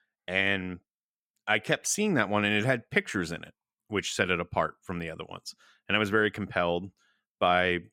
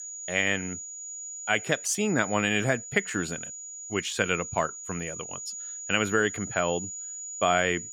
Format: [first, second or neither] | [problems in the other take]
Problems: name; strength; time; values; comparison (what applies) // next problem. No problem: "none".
first | high-pitched whine; loud; throughout; 7 kHz, 9 dB below the speech